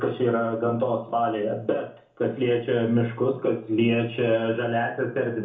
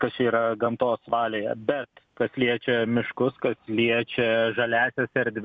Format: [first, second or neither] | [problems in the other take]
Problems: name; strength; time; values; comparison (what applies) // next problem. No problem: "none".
second | room echo; dies away in 0.6 s